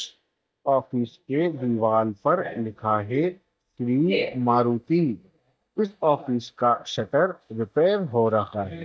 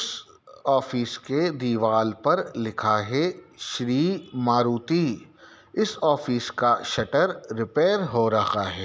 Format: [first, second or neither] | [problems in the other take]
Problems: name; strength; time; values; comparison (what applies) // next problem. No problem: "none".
second | noise reduction (neural mask model DeepFilterNet 3)